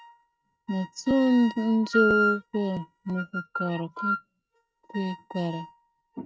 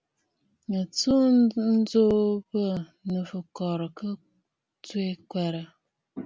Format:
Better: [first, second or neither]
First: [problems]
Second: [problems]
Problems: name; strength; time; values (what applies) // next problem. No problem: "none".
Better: second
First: noise reduction (neural mask model RNNoise)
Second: none